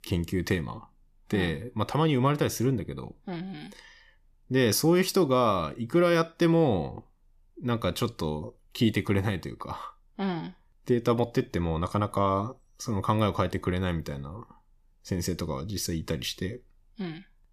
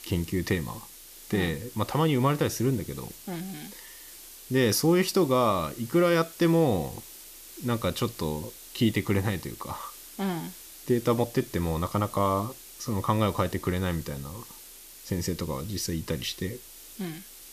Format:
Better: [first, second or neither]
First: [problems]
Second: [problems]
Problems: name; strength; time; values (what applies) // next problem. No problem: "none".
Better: first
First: none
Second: hiss; noticeable; throughout; 15 dB below the speech